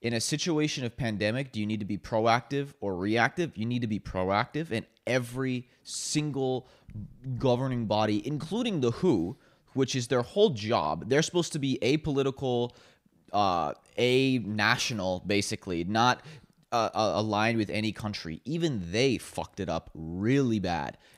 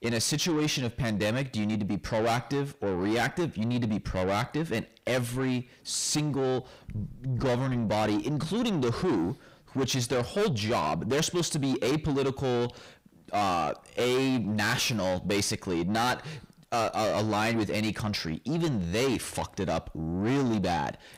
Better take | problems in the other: first | distortion; heavy; 7 dB below the speech

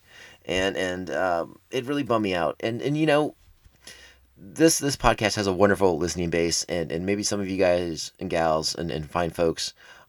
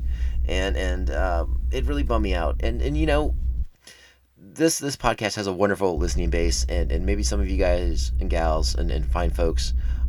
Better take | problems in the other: first | low rumble; faint; until 3.5 s and from 6 s on; 20 dB below the speech

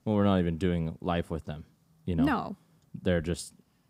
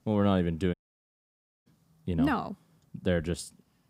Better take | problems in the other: first | audio cutting out; at 0.5 s for 1 s

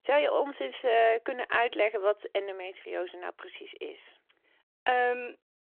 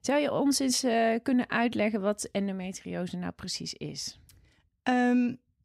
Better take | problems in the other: second | phone-call audio

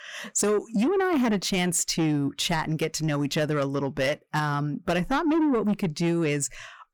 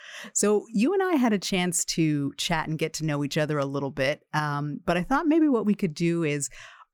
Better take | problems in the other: second | distortion; slight; 10 dB below the speech

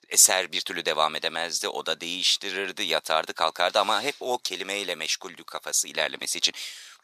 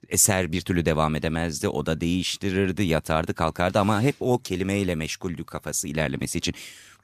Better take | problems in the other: second | thin; very; fading below 700 Hz

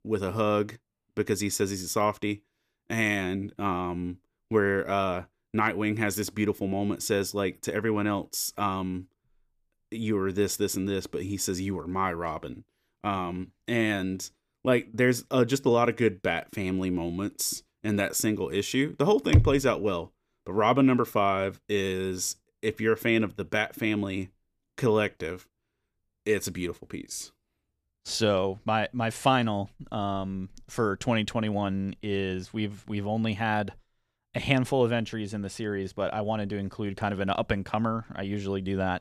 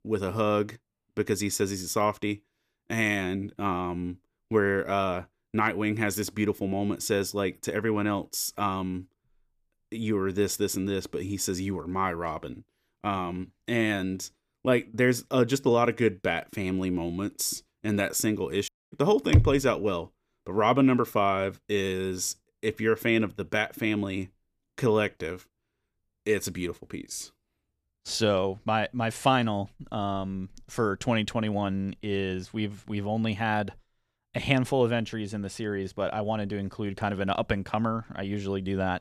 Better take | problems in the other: first | audio cutting out; at 19 s

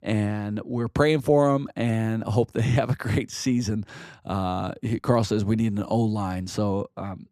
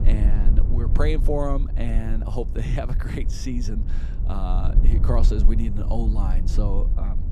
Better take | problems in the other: first | low rumble; loud; throughout; 9 dB below the speech

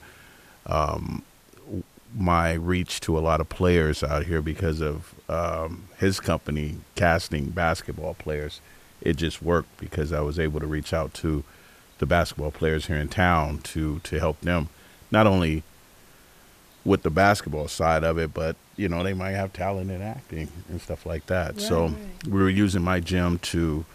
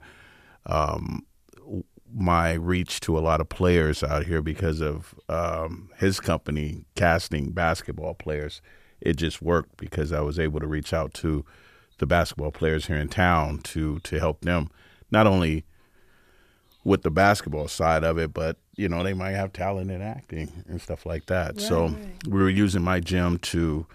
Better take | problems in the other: second | hiss; faint; throughout; 30 dB below the speech

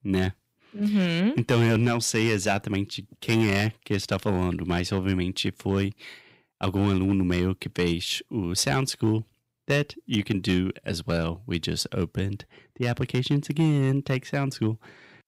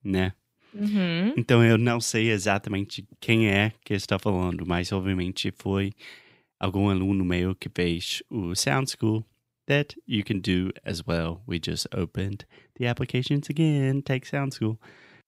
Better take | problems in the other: second | distortion; slight; 3% of the sound clipped

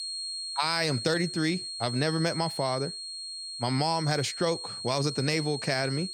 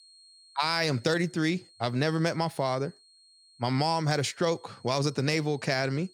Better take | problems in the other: second | high-pitched whine; loud; throughout; 4.5 kHz, 6 dB below the speech; faint in the second

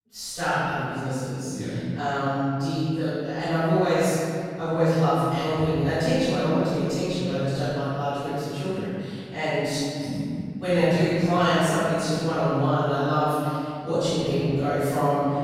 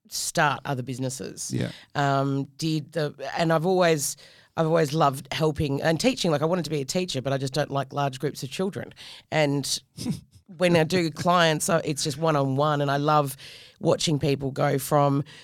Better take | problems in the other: second | off-mic speech; far // room echo; strong; dies away in 2.3 s

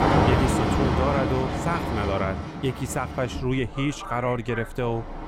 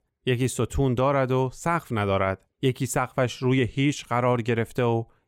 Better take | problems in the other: second | train or aircraft noise; very loud; throughout; 1 dB above the speech

